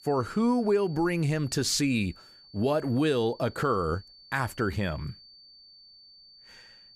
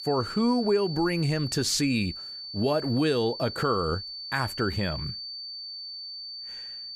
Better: first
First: high-pitched whine; faint; throughout; 4.5 kHz, 25 dB below the speech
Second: high-pitched whine; loud; throughout; 4.5 kHz, 9 dB below the speech

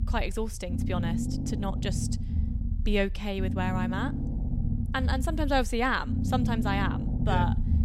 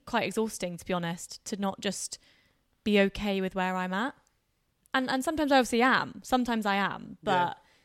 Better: second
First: low rumble; loud; throughout; 9 dB below the speech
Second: none

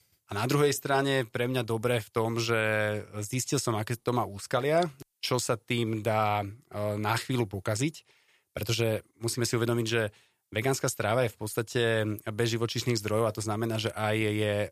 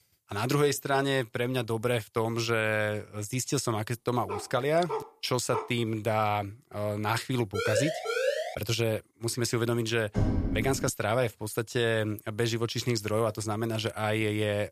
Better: first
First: none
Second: dog barking; noticeable; from 4.5 to 5.5 s; peak 7 dB below the speech // siren; loud; from 7.5 to 8.5 s; peak 1 dB above the speech // door banging; loud; at 10 s; peak 1 dB above the speech

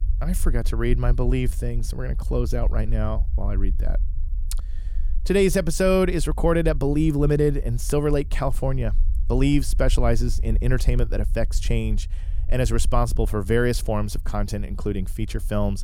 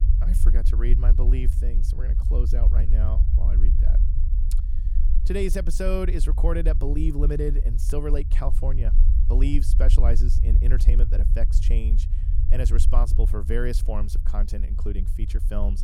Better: first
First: low rumble; faint; throughout; 25 dB below the speech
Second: low rumble; loud; throughout; 10 dB below the speech

